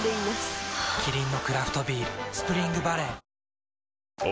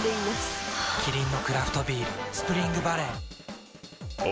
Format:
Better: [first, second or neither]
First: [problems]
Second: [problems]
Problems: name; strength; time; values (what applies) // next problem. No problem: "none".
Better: first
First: none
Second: background sound (Drum / Drum kit); 11 dB below the speech